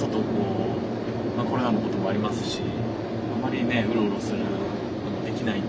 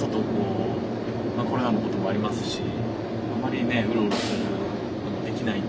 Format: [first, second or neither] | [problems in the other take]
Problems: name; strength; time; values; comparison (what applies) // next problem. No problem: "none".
first | background sound (Snare drum); 10 dB below the speech